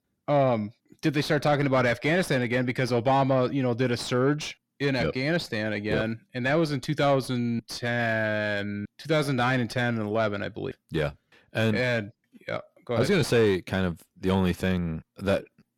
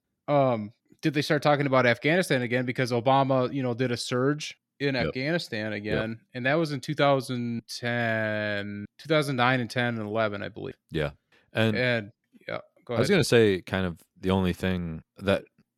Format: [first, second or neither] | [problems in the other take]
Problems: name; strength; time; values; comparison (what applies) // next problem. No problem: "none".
second | distortion; slight; 10 dB below the speech